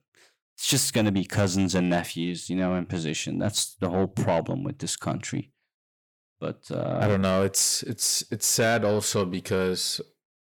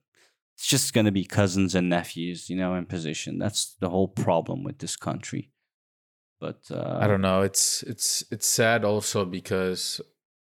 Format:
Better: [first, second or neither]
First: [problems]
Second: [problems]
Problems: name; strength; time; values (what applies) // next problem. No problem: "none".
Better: second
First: distortion; slight; 10 dB below the speech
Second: none